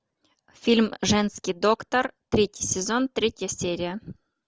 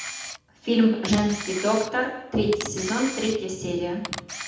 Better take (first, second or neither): first